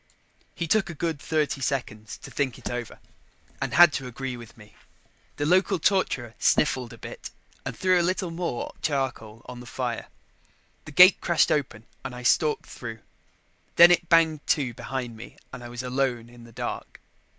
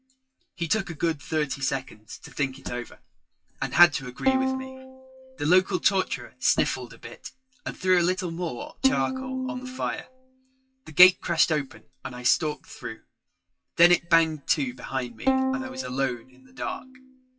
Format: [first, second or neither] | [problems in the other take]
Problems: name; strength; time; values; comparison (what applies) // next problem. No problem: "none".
first | noise reduction (classical method WPE with log-MMSE)